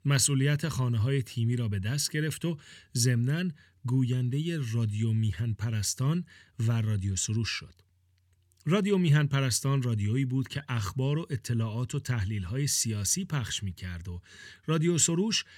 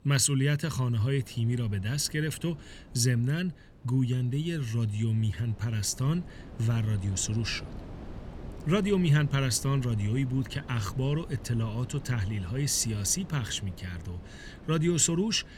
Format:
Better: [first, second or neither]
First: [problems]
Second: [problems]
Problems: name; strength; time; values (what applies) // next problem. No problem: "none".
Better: first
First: none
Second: wind noise on the microphone; occasional gusts; 20 dB below the speech